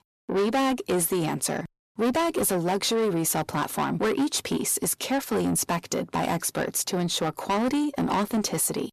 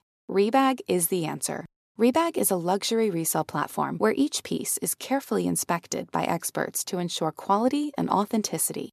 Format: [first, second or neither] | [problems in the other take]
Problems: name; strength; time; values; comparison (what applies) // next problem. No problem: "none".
second | distortion; heavy; 7 dB below the speech